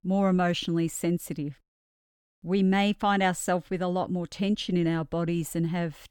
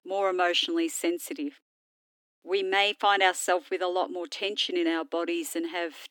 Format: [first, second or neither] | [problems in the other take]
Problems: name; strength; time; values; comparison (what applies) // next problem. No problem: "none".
first | thin; very; fading below 250 Hz